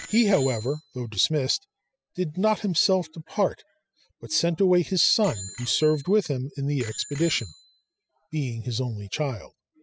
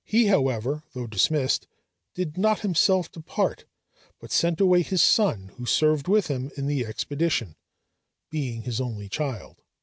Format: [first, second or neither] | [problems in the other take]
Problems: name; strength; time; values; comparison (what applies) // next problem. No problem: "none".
second | noise reduction (classical method spectral subtraction)